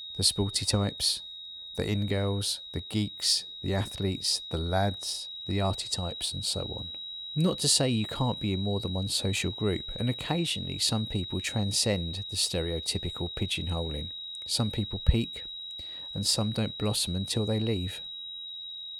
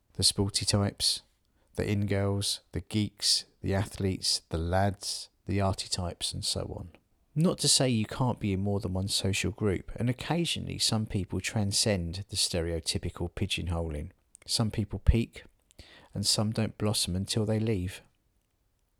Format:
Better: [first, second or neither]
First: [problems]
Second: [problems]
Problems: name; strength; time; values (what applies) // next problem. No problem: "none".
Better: second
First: high-pitched whine; loud; throughout; 4 kHz, 8 dB below the speech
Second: none